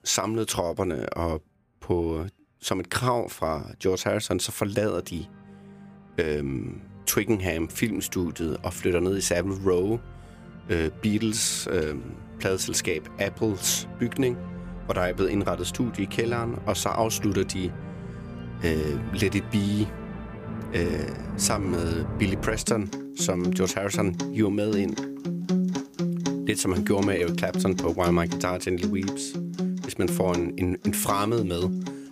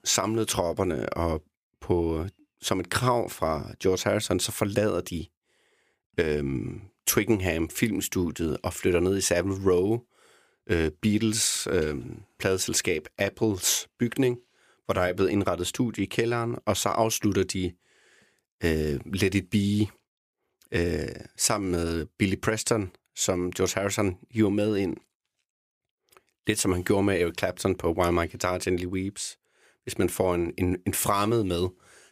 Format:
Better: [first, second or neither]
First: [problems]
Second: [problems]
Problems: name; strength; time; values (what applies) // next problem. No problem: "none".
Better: second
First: background music; loud; throughout; 6 dB below the speech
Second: none